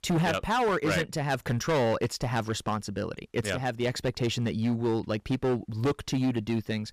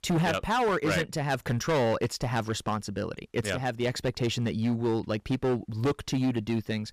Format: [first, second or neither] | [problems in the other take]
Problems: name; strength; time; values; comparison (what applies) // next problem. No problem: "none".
neither | distortion; heavy; 11% of the sound clipped; the same in both